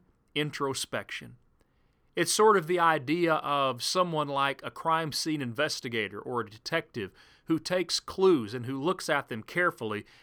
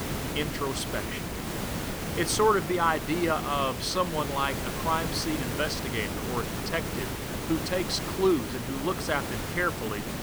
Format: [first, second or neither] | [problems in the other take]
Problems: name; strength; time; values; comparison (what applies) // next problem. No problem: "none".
first | hiss; loud; throughout; 4 dB below the speech